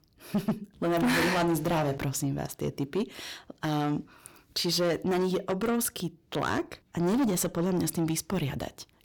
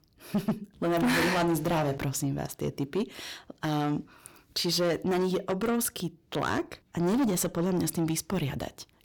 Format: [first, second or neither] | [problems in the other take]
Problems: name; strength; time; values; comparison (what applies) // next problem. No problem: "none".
neither | distortion; heavy; 6 dB below the speech; the same in both